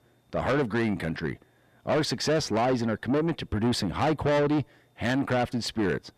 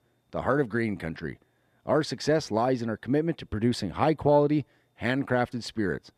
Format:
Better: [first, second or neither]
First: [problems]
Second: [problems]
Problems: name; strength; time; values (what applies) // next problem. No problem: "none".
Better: second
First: distortion; heavy; 7 dB below the speech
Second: none